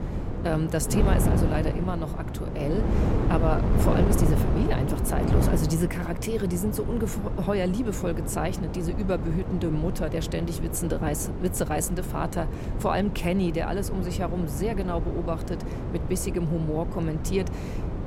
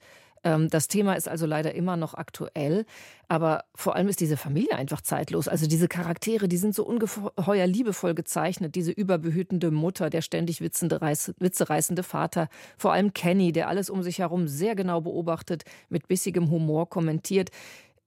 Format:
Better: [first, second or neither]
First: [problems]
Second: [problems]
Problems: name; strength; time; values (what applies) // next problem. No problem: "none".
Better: second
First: wind noise on the microphone; heavy; 4 dB below the speech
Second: none